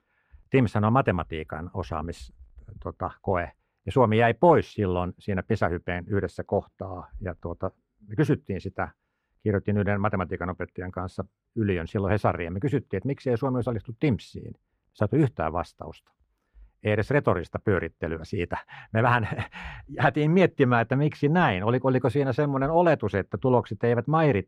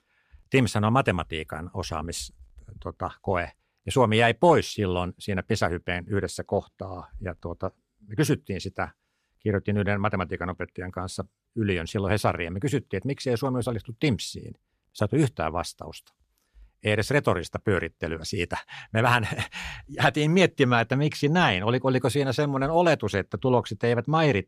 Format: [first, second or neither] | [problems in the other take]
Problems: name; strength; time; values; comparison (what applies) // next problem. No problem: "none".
second | muffled; slightly; fading above 3 kHz